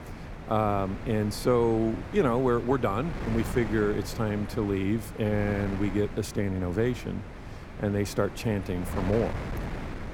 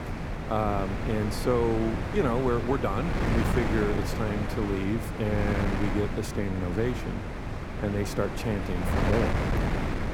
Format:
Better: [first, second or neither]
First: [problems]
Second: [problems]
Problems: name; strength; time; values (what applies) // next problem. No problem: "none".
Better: first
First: wind noise on the microphone; occasional gusts; 10 dB below the speech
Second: wind noise on the microphone; heavy; 3 dB below the speech